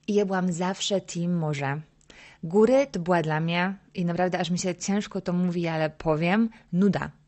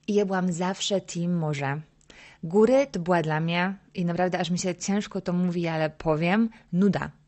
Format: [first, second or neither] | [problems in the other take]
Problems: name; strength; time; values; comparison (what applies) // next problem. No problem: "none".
neither | garbled, watery; slightly; nothing above 8 kHz; the same in both